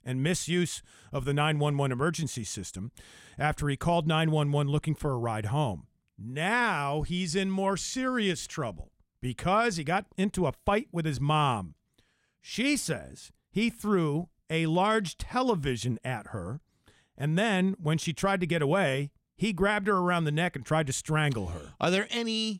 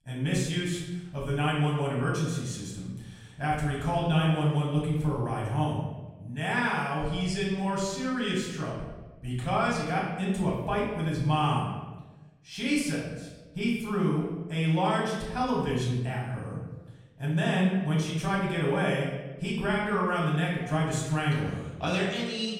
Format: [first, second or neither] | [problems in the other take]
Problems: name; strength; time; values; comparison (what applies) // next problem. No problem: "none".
first | room echo; noticeable; dies away in 1 s // off-mic speech; far